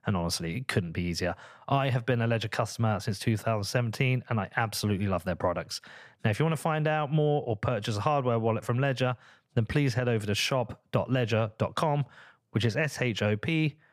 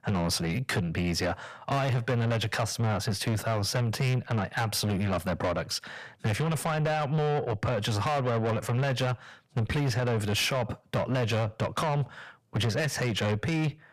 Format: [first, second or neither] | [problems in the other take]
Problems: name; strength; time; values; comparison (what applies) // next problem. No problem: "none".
first | distortion; heavy; 7 dB below the speech